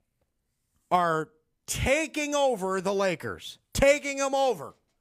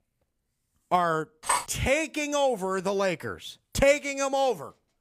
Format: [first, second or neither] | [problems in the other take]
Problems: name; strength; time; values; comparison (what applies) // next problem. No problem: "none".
first | clattering dishes; noticeable; at 1.5 s; peak 1 dB below the speech